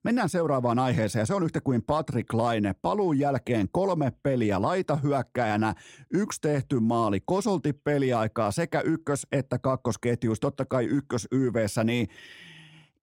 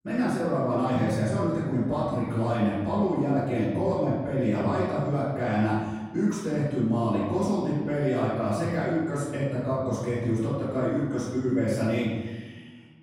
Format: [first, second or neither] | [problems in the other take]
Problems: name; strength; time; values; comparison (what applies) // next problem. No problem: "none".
first | off-mic speech; far // room echo; strong; dies away in 1.2 s